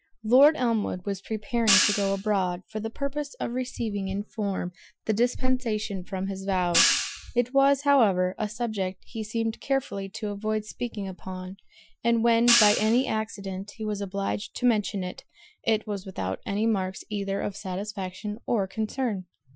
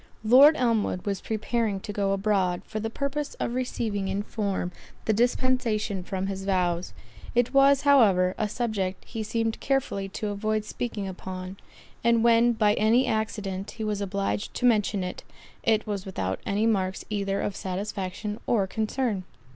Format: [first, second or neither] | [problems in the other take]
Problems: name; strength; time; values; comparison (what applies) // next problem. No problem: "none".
second | noise reduction (classical method Wiener filter)